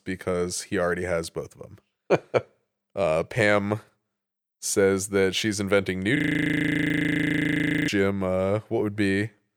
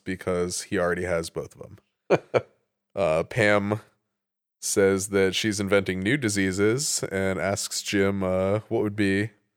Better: second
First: audio freezing; at 6 s for 1.5 s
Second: none

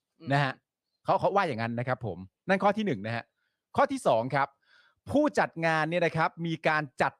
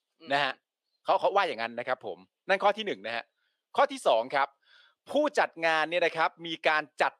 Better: first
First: none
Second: thin; somewhat; fading below 450 Hz

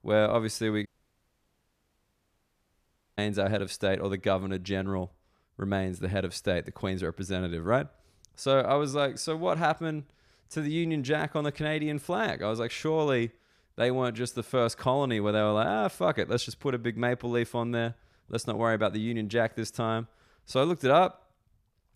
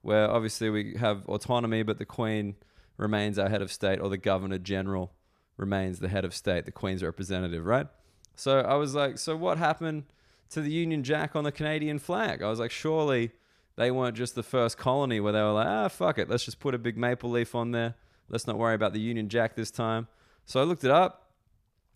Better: second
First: audio cutting out; at 1 s for 2.5 s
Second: none

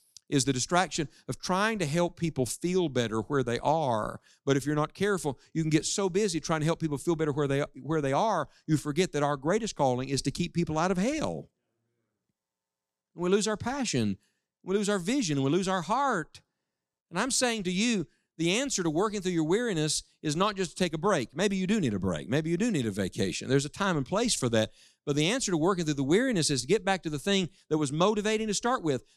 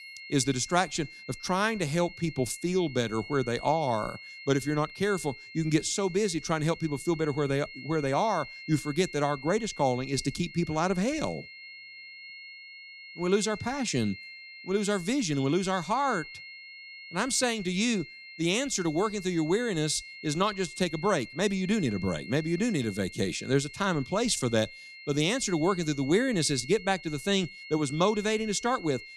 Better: first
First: none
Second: high-pitched whine; noticeable; throughout; 2 kHz, 15 dB below the speech

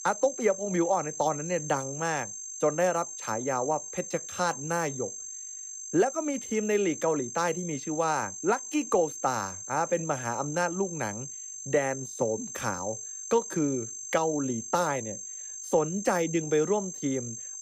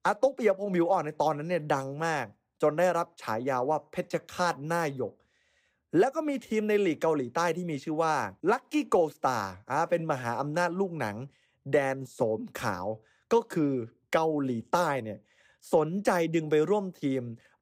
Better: second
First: high-pitched whine; loud; throughout; 6.5 kHz, 8 dB below the speech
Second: none

